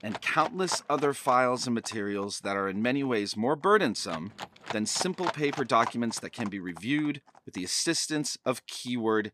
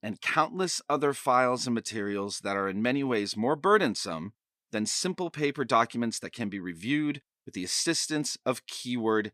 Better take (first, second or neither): second